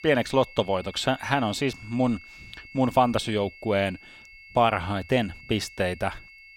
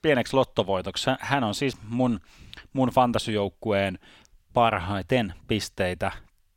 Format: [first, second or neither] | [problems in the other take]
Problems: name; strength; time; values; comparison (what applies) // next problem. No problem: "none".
second | high-pitched whine; noticeable; throughout; 2 kHz, 20 dB below the speech